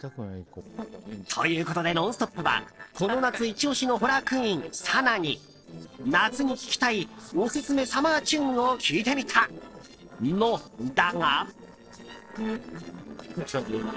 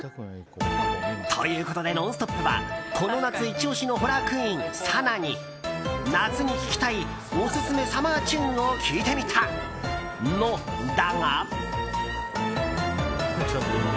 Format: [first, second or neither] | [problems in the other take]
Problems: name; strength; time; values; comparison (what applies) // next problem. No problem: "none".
second | noise reduction (neural separator model SepFormer DNS4)